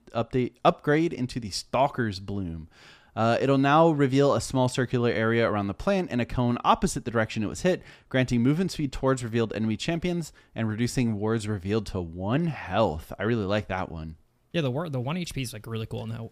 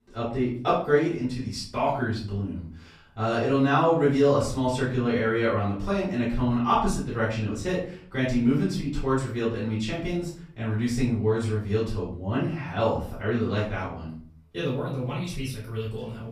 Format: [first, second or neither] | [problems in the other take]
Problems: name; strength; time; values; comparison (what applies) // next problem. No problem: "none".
first | off-mic speech; far // room echo; noticeable; dies away in 0.4 s